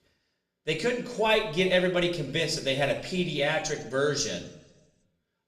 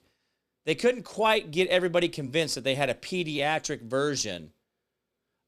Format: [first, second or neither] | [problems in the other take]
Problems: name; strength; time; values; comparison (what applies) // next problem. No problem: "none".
second | room echo; slight; dies away in 0.6 s // off-mic speech; somewhat distant